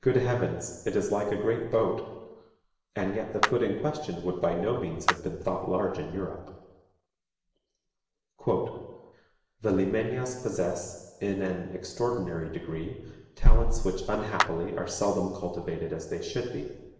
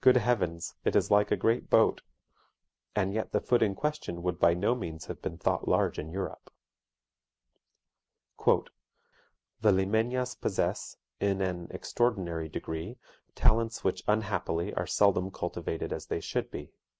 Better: second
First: background sound (Clapping); 6 dB below the speech // room echo; dies away in 1 s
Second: none

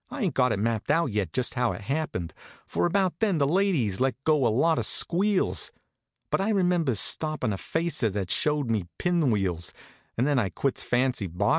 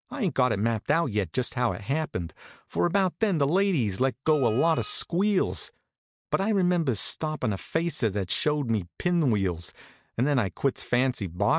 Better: first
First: none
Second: noise reduction (neural mask model DeepFilterNet 3)

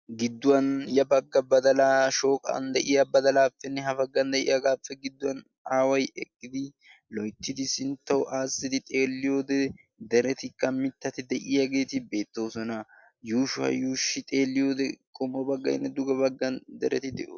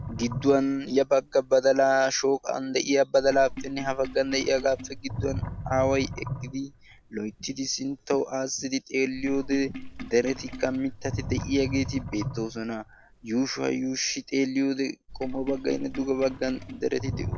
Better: first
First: none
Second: background sound (Sink (filling or washing)); 11 dB below the speech

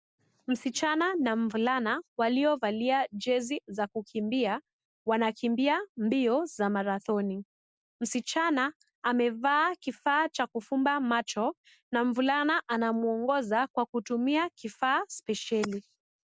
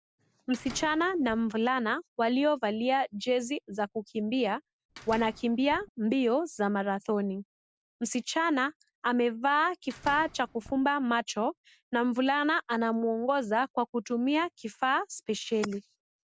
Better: first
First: none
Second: background sound (Slam); 18 dB below the speech

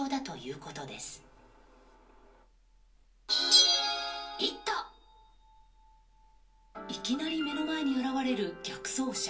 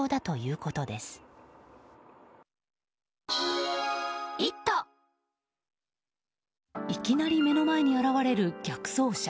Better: second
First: background sound (Bell); 1 dB below the speech // room echo; dies away in 0.3 s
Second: none

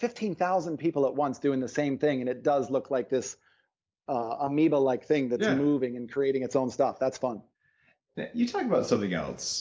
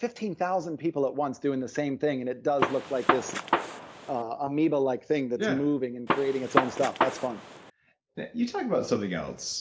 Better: first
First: none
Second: background sound (Gunshot, gunfire); as loud as the speech

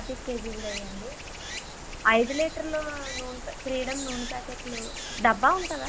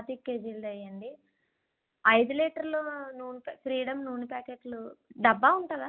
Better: second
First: background sound (Stream); 8 dB below the speech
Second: none

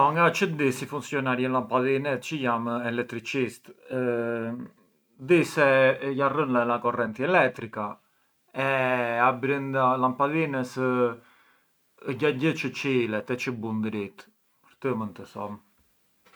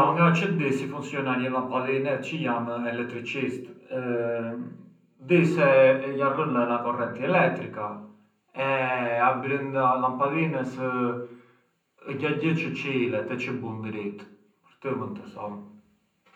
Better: first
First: none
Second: room echo; dies away in 0.6 s

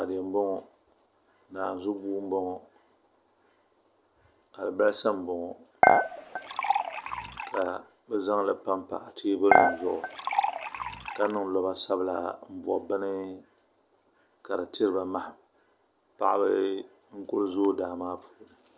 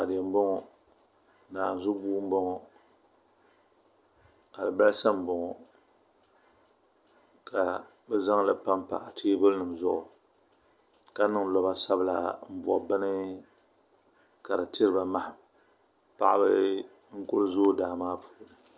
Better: second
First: background sound (Dishes, pots, and pans / Chink, clink); 5 dB above the speech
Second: none

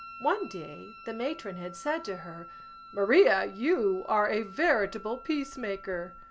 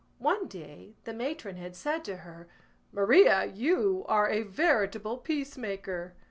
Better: second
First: background sound (Wind instrument, woodwind instrument); 18 dB below the speech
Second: none

